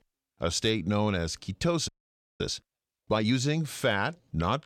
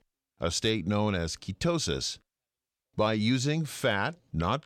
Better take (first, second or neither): second